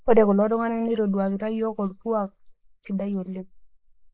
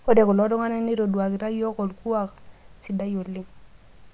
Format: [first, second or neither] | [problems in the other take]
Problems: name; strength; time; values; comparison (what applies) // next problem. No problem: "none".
second | noise reduction (neural mask model Resemble Enhance denoiser)